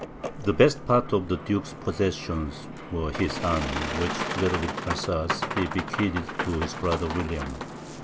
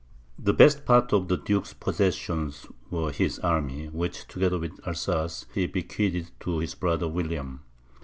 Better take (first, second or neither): second